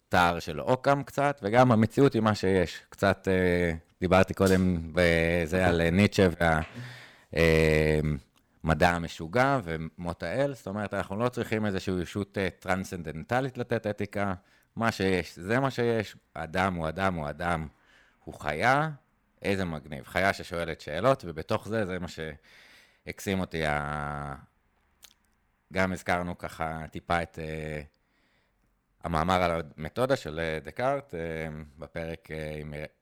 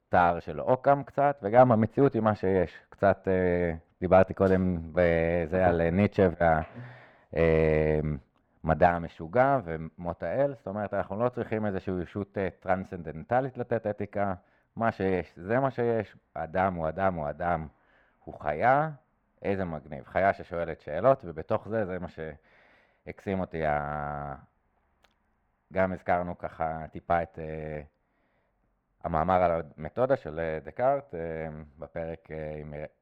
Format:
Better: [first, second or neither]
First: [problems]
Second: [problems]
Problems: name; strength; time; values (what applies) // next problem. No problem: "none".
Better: first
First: none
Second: muffled; very; fading above 3.5 kHz